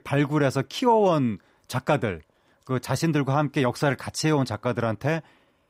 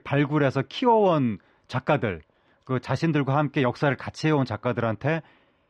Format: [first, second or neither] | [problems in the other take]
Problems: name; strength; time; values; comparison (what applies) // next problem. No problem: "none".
first | muffled; slightly; fading above 3 kHz